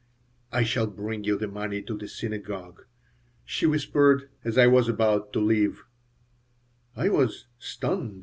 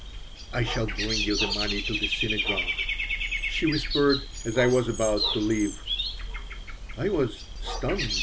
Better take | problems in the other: first | background sound (Bird / Dog); 2 dB below the speech

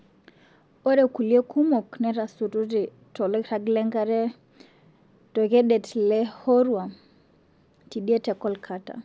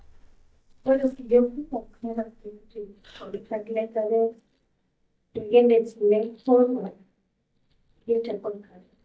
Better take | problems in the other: first | noise reduction (neural mask model DeepFilterNet 3)

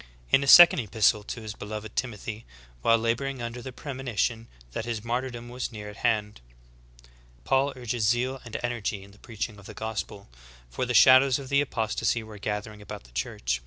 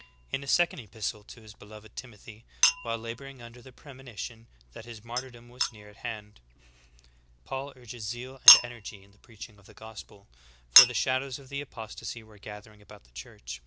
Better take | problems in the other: first | background sound (Chink, clink); 5 dB above the speech

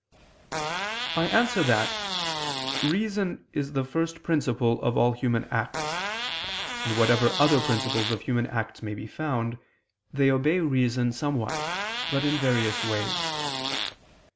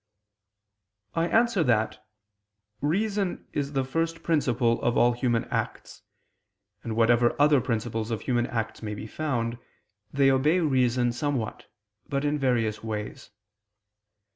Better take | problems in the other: second | background sound (Fart); 4 dB below the speech

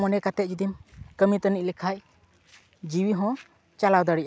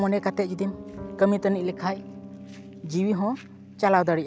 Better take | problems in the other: first | background sound (Piano); 15 dB below the speech

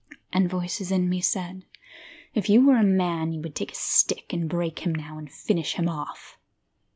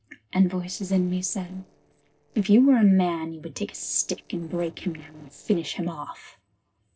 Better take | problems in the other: first | noise reduction (neural separator model SepFormer DNS4)

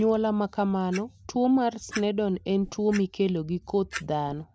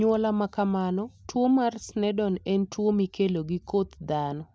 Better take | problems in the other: second | background sound (Clock); 19 dB below the speech

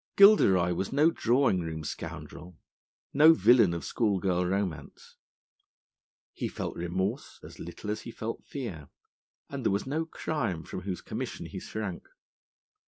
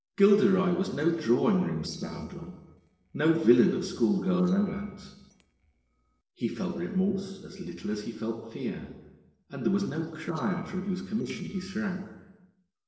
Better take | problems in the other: first | noise reduction (neural separator model SepFormer DNS4)

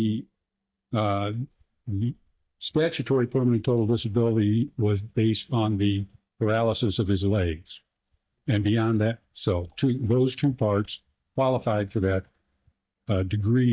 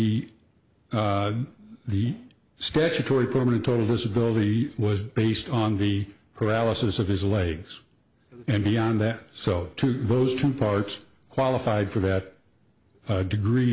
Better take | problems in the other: second | noise reduction (neural mask model DeepFilterNet 3)

